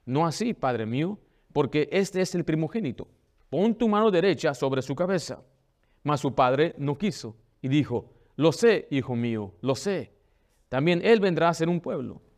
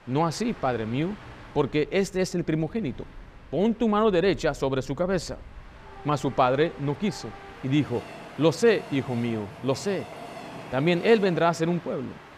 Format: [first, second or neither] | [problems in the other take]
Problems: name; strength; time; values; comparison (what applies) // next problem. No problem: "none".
first | train or aircraft noise; noticeable; throughout; 20 dB below the speech